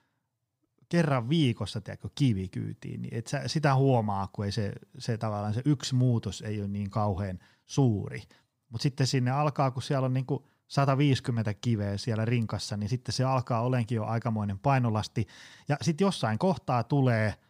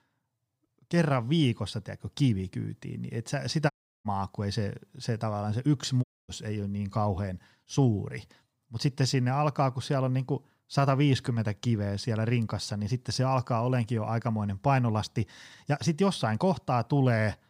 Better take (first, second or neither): first